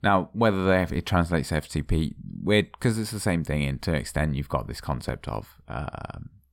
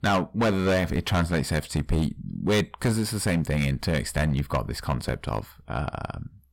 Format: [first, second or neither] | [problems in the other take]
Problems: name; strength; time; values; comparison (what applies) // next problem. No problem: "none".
first | distortion; heavy; 9% of the sound clipped